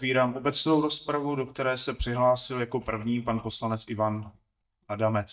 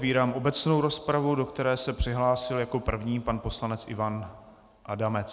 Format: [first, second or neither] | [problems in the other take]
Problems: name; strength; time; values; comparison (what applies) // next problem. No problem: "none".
second | noise reduction (neural mask model DeepFilterNet 3)